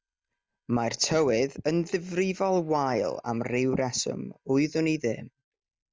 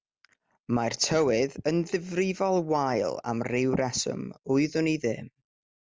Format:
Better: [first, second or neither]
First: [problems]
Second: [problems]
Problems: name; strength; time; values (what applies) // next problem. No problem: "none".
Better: second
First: noise reduction (neural mask model DeepFilterNet 3)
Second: none